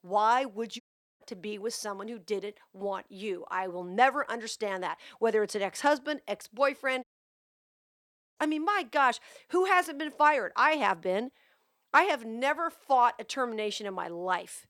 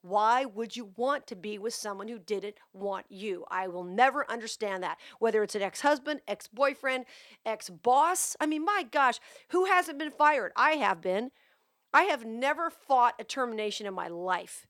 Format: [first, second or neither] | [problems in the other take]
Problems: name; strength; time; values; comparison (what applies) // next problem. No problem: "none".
second | audio cutting out; at 1 s and at 7 s for 1.5 s